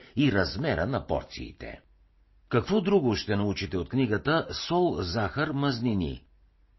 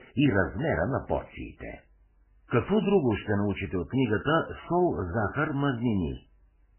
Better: first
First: garbled, watery; slightly; nothing above 5.5 kHz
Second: garbled, watery; badly; nothing above 3 kHz

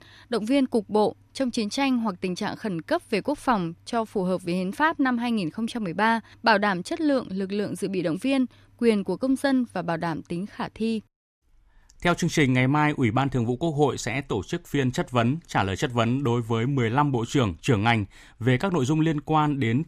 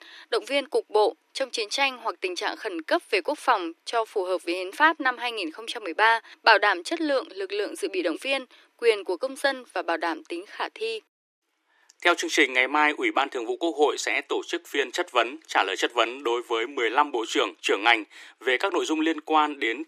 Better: first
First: none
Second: thin; very; fading below 300 Hz

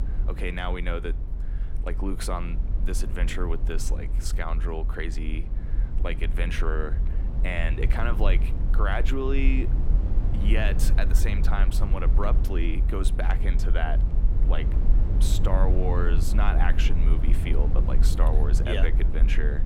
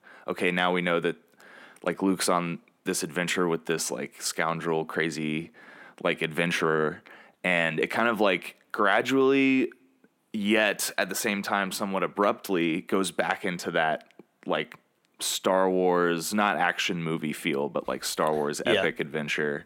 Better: second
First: low rumble; loud; throughout; 9 dB below the speech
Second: none

